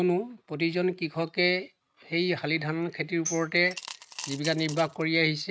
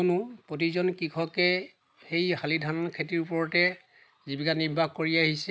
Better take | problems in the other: second | noise reduction (neural mask model RNNoise)

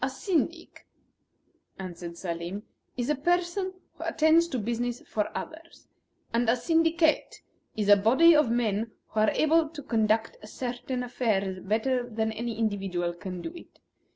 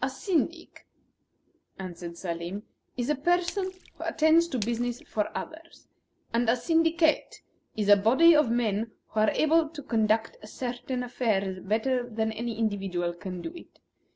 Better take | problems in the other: first | background sound (Splash, splatter); 18 dB below the speech

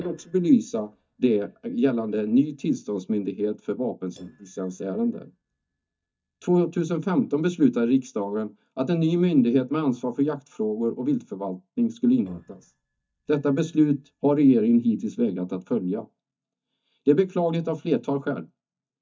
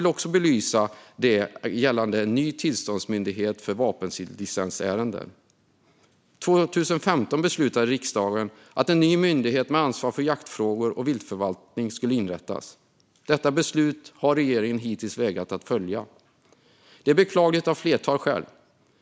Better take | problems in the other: second | noise reduction (neural mask model DeepFilterNet 3)

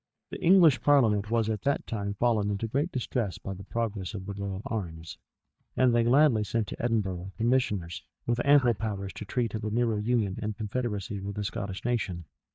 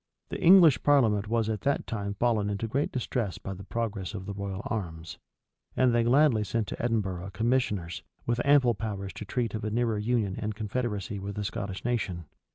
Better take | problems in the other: second | noise reduction (neural mask model DeepFilterNet 3)

